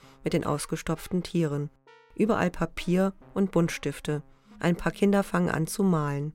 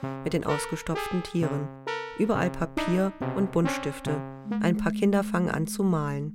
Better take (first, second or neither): first